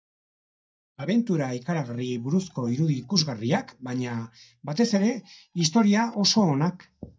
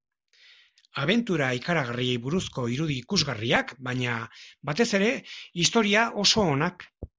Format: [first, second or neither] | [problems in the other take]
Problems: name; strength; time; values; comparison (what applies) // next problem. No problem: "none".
second | noise reduction (neural mask model DeepFilterNet 3)